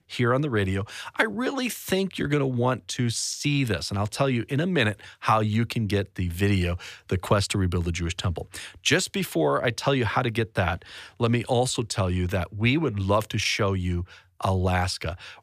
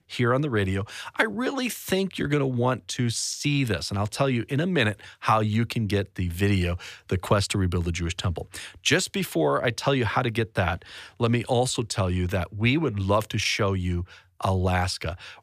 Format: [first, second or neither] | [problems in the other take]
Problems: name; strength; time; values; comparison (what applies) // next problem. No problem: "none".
neither | none